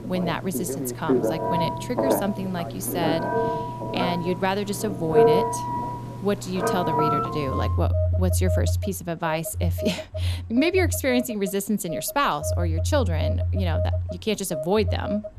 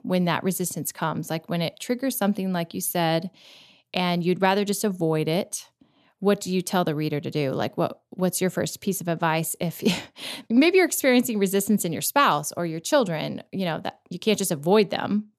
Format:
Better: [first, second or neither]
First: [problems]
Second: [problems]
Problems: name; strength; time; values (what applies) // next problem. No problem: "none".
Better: second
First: alarms or sirens; very loud; throughout; 1 dB above the speech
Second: none